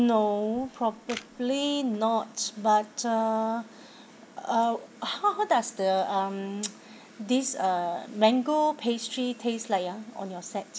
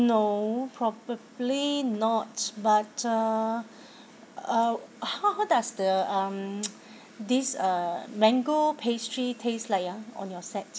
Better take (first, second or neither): second